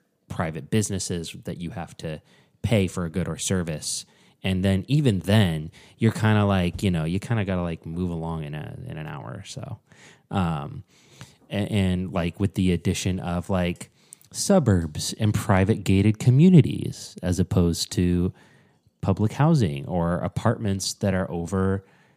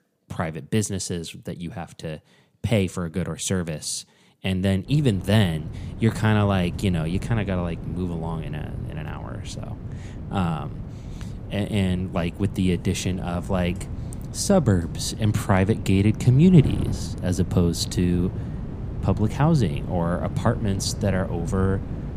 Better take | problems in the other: first | wind noise on the microphone; occasional gusts; from 5 s on; 15 dB below the speech

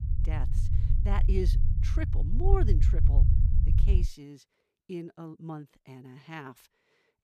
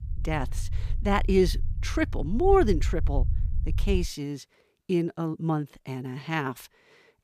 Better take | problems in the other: second | low rumble; loud; until 4 s; 4 dB below the speech; faint in the second

